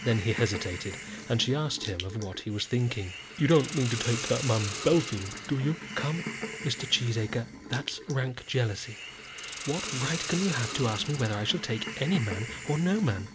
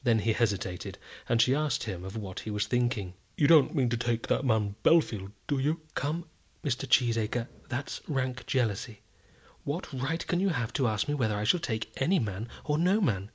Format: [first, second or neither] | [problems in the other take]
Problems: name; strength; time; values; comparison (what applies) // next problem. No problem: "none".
second | background sound (Hiss); 9 dB below the speech